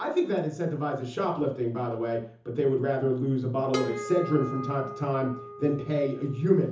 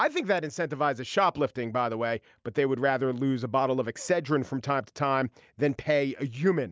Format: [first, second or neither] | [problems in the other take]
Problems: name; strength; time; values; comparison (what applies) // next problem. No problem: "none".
second | background sound (Harp); 10 dB below the speech // room echo; dies away in 0.6 s